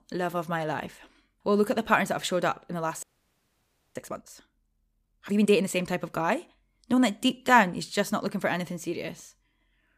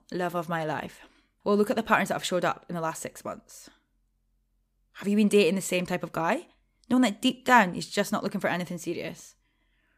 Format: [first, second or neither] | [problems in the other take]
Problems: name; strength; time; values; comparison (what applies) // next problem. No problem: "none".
second | audio freezing; at 3 s for 1 s